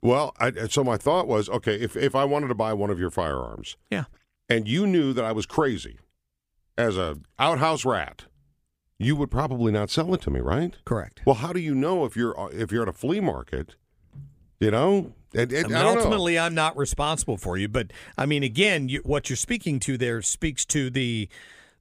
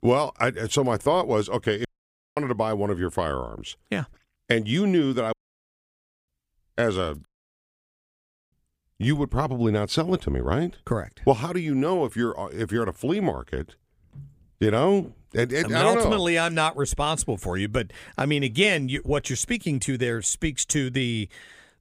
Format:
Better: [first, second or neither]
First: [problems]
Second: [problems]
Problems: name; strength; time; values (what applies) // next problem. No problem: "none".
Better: first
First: none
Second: audio cutting out; at 2 s for 0.5 s, at 5.5 s for 1 s and at 7.5 s for 1.5 s